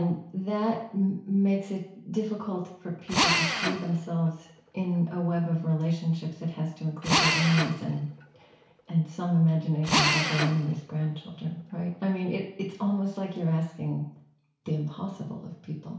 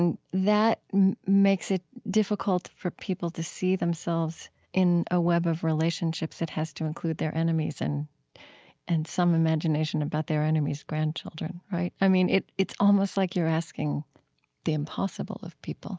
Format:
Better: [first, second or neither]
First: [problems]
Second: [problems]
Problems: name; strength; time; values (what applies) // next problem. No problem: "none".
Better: second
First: background sound (Drill); 1 dB below the speech // room echo; dies away in 0.6 s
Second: none